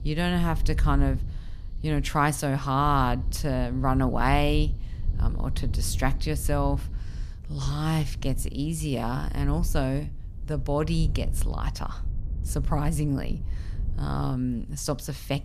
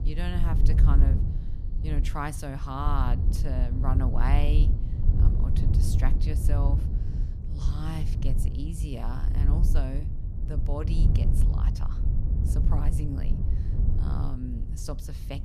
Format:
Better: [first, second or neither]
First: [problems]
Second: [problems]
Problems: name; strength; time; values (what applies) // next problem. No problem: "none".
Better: first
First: low rumble; faint; throughout; 20 dB below the speech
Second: low rumble; loud; throughout; 4 dB below the speech